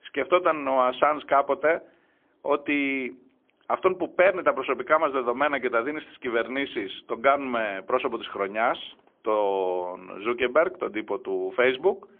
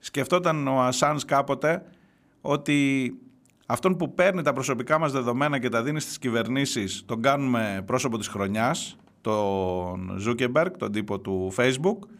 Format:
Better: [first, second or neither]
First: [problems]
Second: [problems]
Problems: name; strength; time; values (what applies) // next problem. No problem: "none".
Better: second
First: phone-call audio; poor line; nothing above 3.5 kHz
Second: none